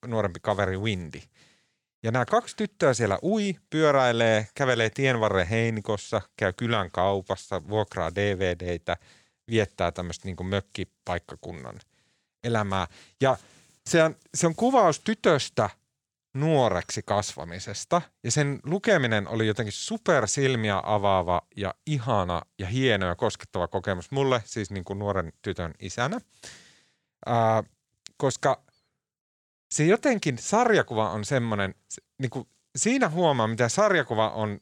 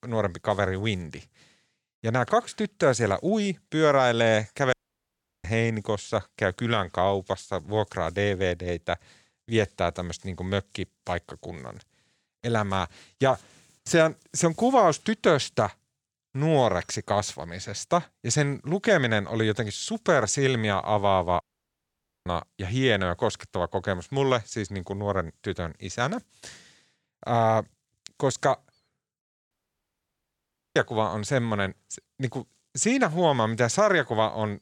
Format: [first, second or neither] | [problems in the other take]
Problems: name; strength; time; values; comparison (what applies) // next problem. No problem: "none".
first | audio cutting out; at 4.5 s for 0.5 s, at 21 s for 1 s and at 30 s for 1.5 s